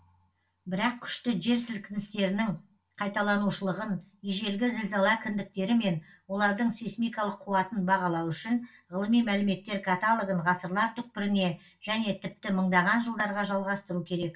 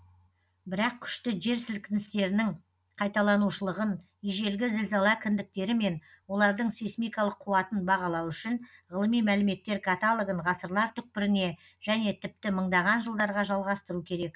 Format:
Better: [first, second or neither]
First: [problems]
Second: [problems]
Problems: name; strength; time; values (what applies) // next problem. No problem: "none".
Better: second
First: room echo; dies away in 0.2 s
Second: none